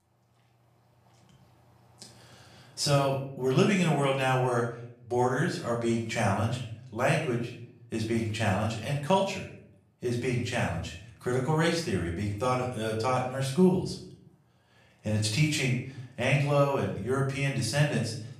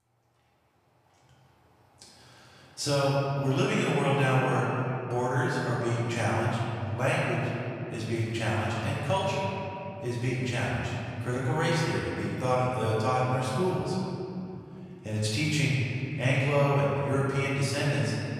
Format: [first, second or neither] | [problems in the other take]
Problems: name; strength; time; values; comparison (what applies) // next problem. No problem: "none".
first | room echo; strong; dies away in 2.8 s; slight in the first // off-mic speech; far; far in the first